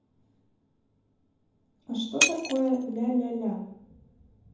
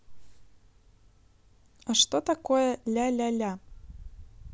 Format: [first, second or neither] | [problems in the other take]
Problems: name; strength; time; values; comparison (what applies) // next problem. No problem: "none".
second | background sound (Shatter); 2 dB below the speech // room echo; dies away in 0.9 s